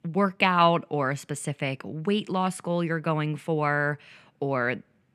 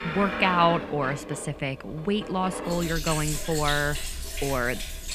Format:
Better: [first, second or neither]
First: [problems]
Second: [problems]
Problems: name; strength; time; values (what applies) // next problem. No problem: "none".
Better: first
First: none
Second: household noises; loud; throughout; 6 dB below the speech